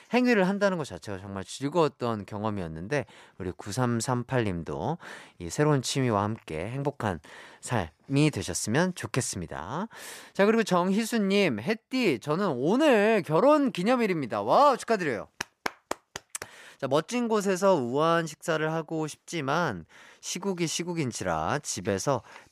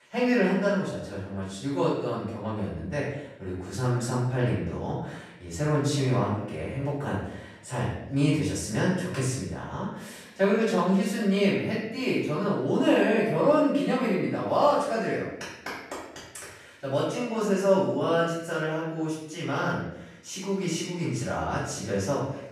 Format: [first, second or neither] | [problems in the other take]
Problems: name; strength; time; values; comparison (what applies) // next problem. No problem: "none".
first | off-mic speech; far // room echo; noticeable; dies away in 0.7 s